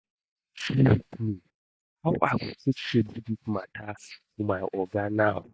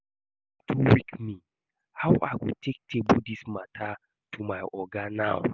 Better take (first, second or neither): second